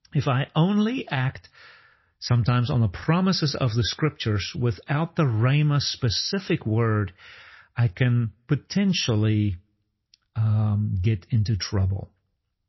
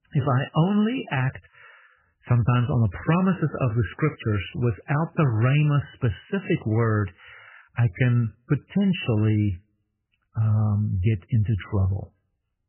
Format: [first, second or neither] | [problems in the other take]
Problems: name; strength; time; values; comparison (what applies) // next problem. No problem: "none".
first | garbled, watery; badly; nothing above 3 kHz; slightly in the first